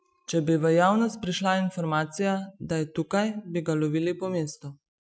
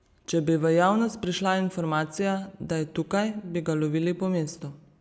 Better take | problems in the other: second | noise reduction (classical method Wiener filter)

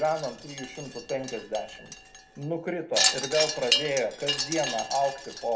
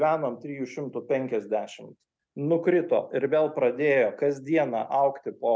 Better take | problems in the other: second | background sound (Wind chime); 1 dB below the speech // room echo; dies away in 1.2 s

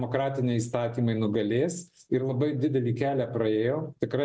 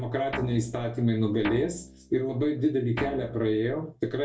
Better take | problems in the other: first | background sound (Guitar); 12 dB below the speech // room echo; dies away in 0.2 s

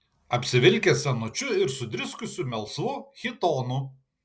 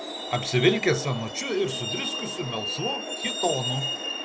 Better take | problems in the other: first | background sound (Truck); 4 dB below the speech

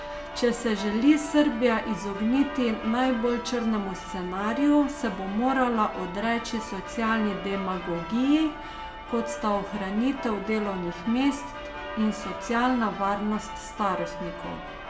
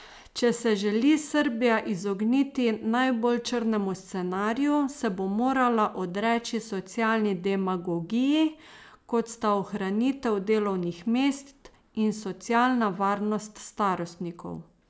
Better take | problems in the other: second | background sound (Church bell); 10 dB below the speech // room echo; dies away in 0.6 s

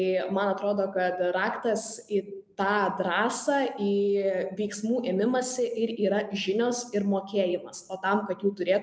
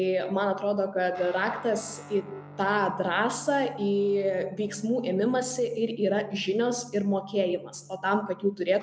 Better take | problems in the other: first | background sound (Guitar); 20 dB below the speech

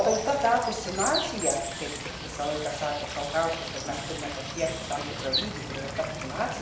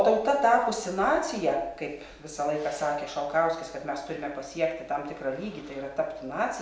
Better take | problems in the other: second | background sound (Water / Bird); 4 dB below the speech

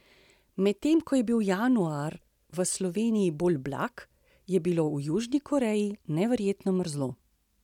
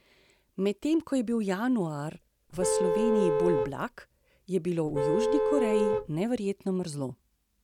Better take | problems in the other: first | background sound (Vehicle horn, car horn, honking); 3 dB above the speech

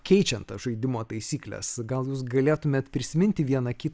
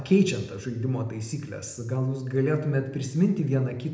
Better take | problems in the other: first | room echo; dies away in 0.7 s

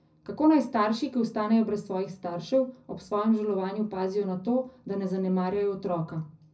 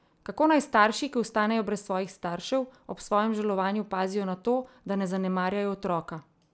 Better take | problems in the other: second | room echo; dies away in 0.4 s

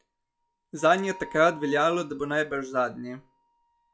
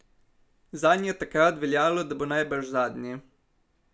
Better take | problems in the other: second | noise reduction (classical method log-MMSE)

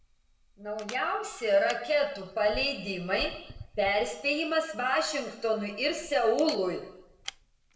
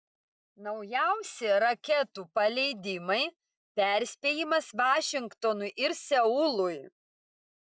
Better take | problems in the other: second | background sound (Camera); 18 dB below the speech // room echo; dies away in 0.8 s

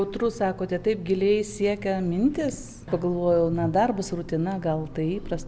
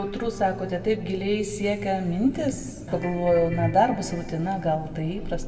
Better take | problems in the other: first | background sound (Ringtone / Keyboard (musical)); 16 dB below the speech // room echo; dies away in 1.4 s

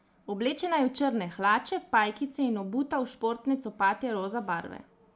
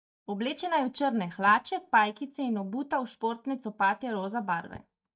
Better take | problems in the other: first | noise reduction (neural mask model DeepFilterNet 3)

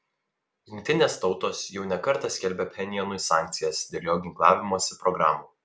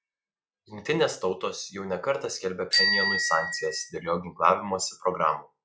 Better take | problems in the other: first | noise reduction (classical method log-MMSE)

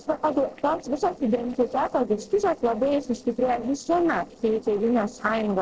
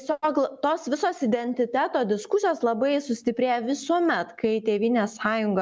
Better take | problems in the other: second | noise reduction (neural separator model SepFormer DNS4)

